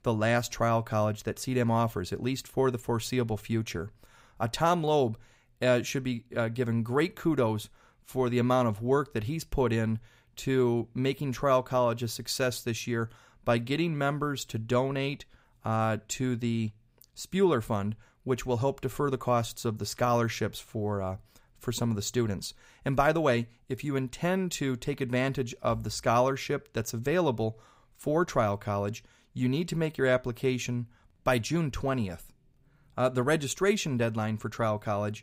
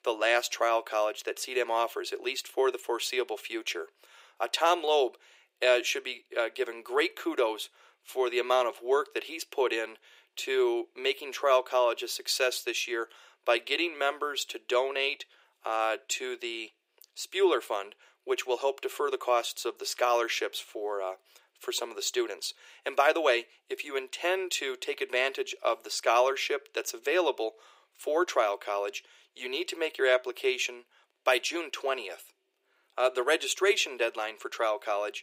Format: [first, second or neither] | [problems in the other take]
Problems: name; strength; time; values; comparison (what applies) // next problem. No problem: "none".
first | thin; very; fading below 350 Hz